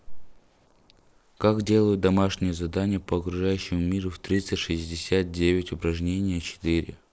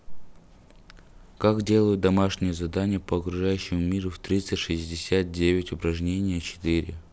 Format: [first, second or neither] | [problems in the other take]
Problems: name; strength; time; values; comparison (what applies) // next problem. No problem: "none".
second | noise reduction (neural mask model Resemble Enhance denoiser)